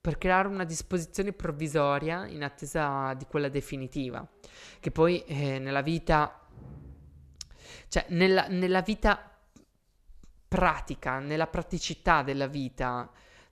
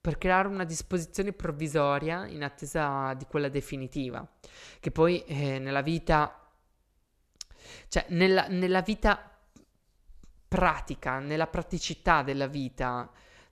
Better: second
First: traffic noise; faint; until 9 s; 30 dB below the speech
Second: none

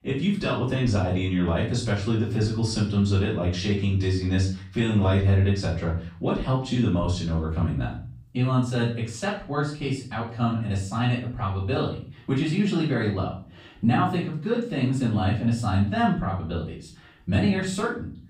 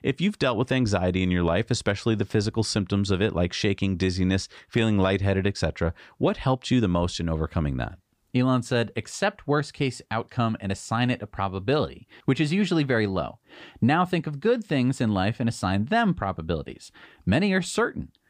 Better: second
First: off-mic speech; far // room echo; noticeable; dies away in 0.4 s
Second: none

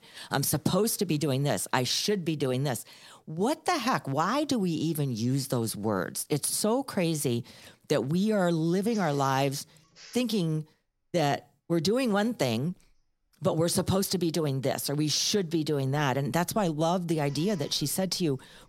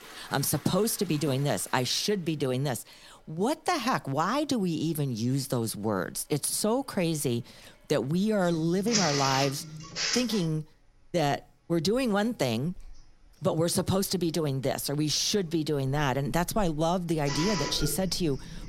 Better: first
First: household noises; faint; throughout; 25 dB below the speech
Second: household noises; loud; throughout; 6 dB below the speech

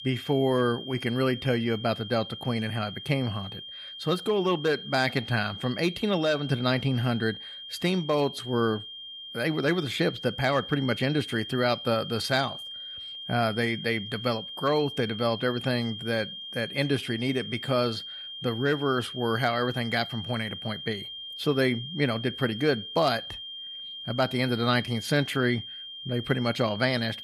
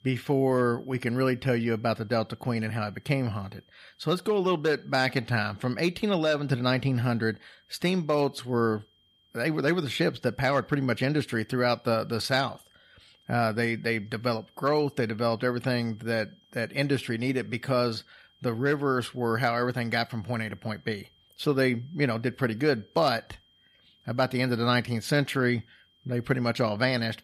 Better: second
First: high-pitched whine; loud; throughout; 3 kHz, 10 dB below the speech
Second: high-pitched whine; faint; throughout; 3 kHz, 35 dB below the speech

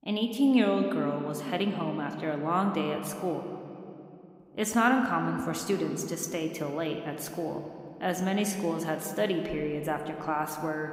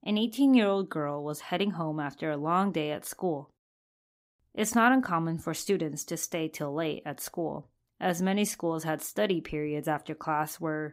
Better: second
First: room echo; slight; dies away in 2.3 s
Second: none

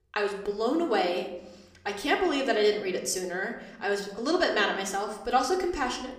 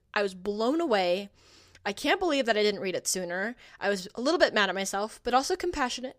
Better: second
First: room echo; slight; dies away in 0.7 s // off-mic speech; somewhat distant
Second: none

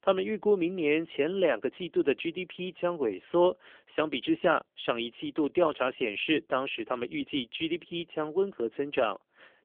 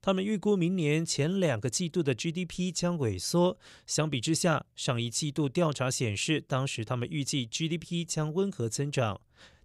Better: second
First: phone-call audio; nothing above 3.5 kHz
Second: none

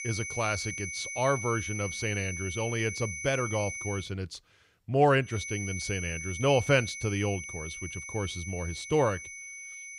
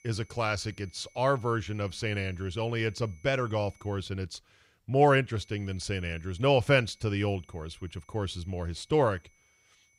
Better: second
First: high-pitched whine; loud; until 4 s and from 5.5 s on; 2 kHz, 7 dB below the speech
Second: high-pitched whine; faint; until 4 s and from 5.5 s on; 2 kHz, 30 dB below the speech

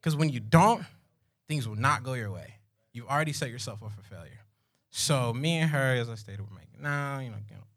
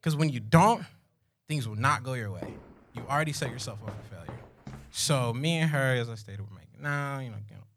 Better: first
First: none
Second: footsteps; faint; from 2.5 to 5 s; peak 15 dB below the speech

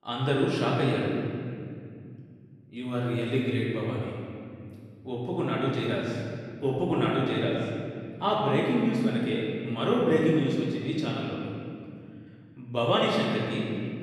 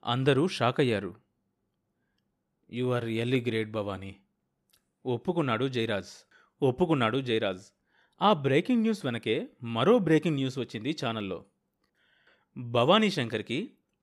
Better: second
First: room echo; noticeable; dies away in 2.4 s // off-mic speech; far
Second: none

